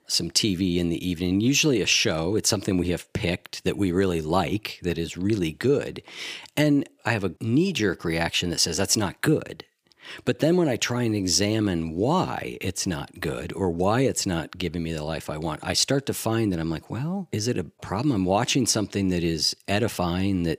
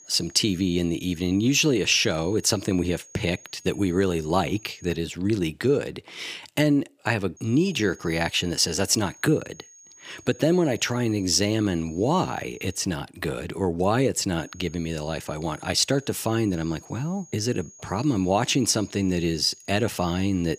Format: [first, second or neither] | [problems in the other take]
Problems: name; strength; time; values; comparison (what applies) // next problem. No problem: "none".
first | high-pitched whine; faint; until 5 s, from 7.5 to 13 s and from 14 s on; 6.5 kHz, 25 dB below the speech